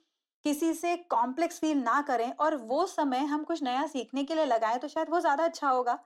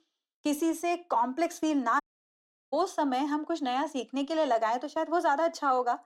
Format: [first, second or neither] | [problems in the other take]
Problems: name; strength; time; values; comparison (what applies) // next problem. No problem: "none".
first | audio cutting out; at 2 s for 0.5 s